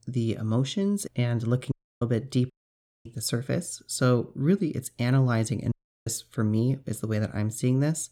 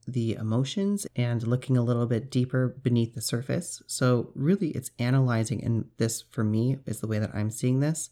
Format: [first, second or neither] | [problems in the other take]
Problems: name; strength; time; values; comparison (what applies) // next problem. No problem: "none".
second | audio cutting out; at 1.5 s, at 2.5 s for 0.5 s and at 5.5 s